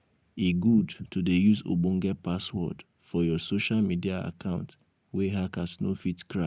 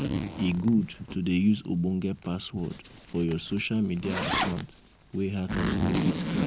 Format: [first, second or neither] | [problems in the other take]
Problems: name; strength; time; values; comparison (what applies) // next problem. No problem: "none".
first | background sound (Zipper (clothing)); 4 dB below the speech